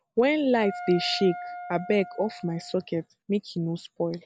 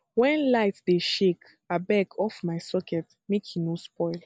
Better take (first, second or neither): second